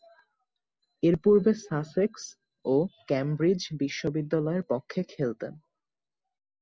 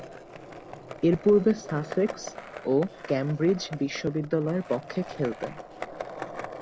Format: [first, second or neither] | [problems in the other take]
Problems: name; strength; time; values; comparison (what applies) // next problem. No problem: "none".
first | background sound (Skateboard); 13 dB below the speech